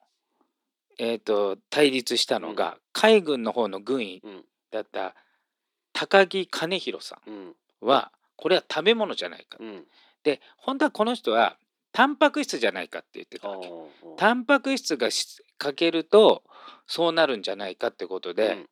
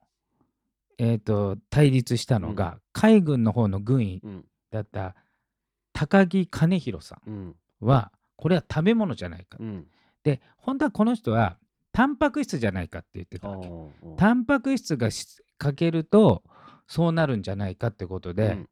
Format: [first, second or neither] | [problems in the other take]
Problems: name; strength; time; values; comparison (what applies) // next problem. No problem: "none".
second | thin; somewhat; fading below 300 Hz